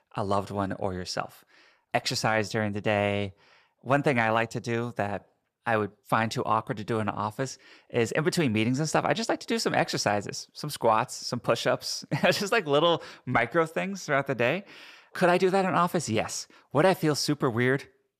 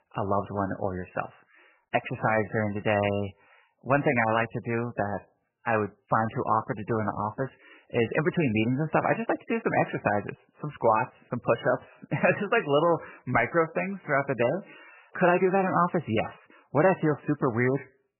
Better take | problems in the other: first | garbled, watery; badly; nothing above 3 kHz

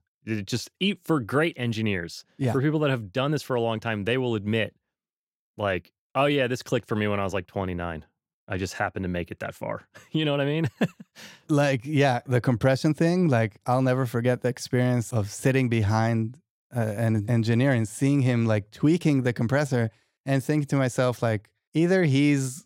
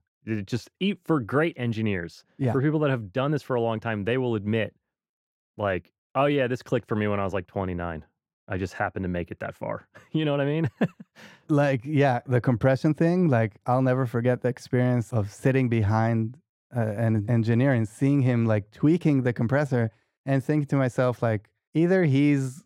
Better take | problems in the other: first | muffled; slightly; fading above 2.5 kHz

